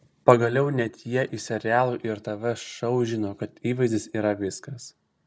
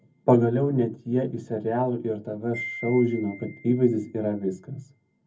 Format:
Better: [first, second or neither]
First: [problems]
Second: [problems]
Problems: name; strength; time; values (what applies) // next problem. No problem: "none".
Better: first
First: none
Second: background sound (Wind chime); 19 dB below the speech // room echo; dies away in 0.3 s